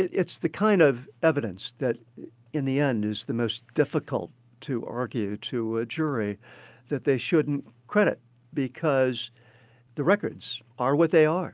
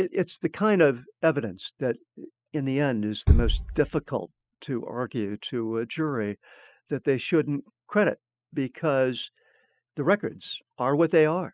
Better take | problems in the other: first | noise reduction (classical method spectral subtraction)

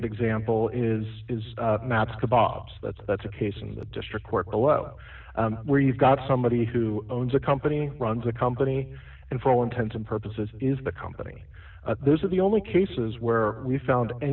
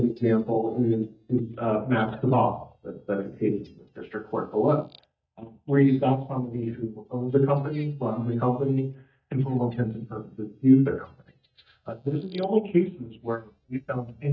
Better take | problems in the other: first | noise reduction (neural mask model DeepFilterNet 3)

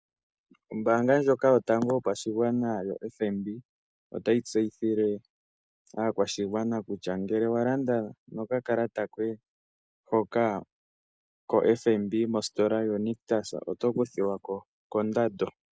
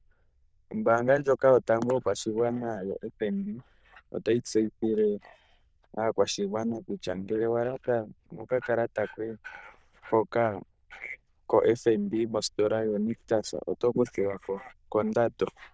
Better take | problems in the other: first | noise reduction (neural diffusion model UNIVERSE++)

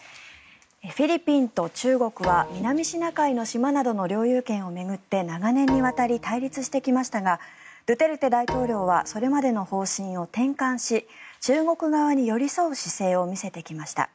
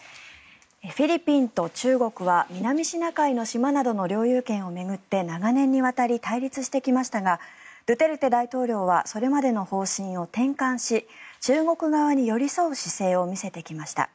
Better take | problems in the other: second | background sound (Bowed string instrument); 15 dB below the speech

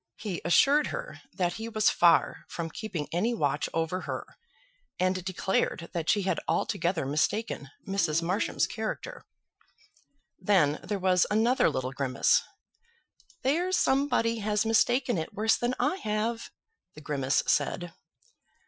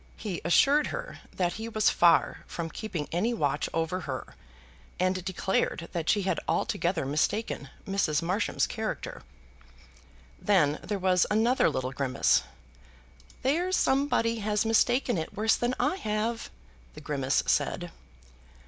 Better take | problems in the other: second | noise reduction (classical method Wiener filter)

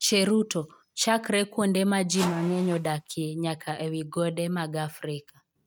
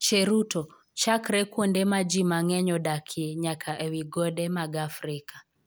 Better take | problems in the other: second | noise reduction (neural mask model RNNoise)

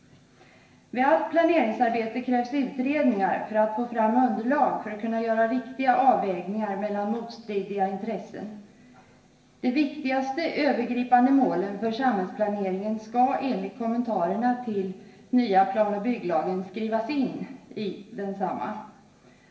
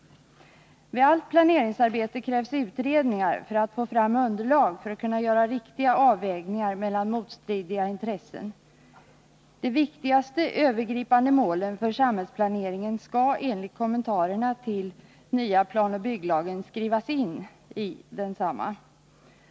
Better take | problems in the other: second | room echo; dies away in 1.1 s

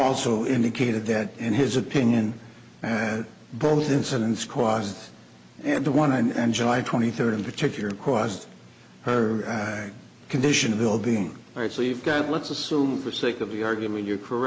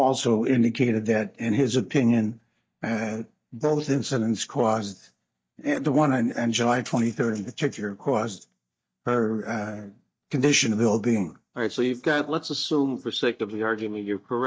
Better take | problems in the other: first | noise reduction (neural mask model DeepFilterNet 3)

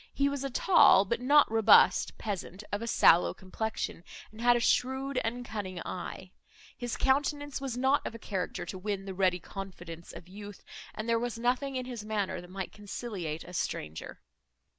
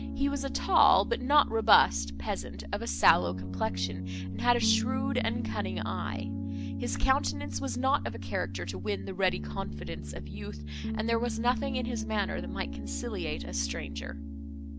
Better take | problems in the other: first | background sound (Piano); 5 dB below the speech

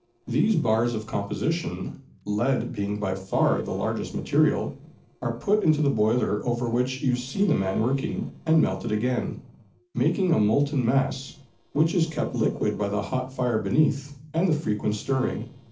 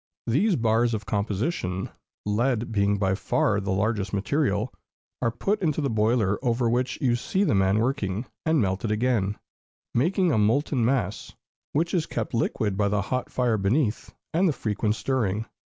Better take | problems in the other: second | noise reduction (neural separator model SepFormer DNS4)

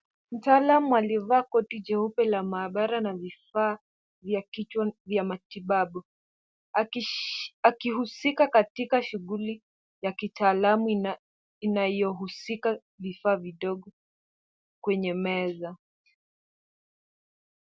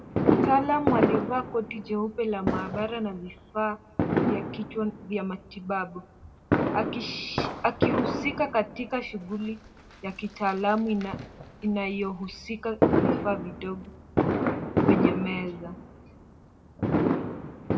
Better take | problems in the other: first | background sound (Fireworks); 2 dB above the speech // room echo; dies away in 1.1 s

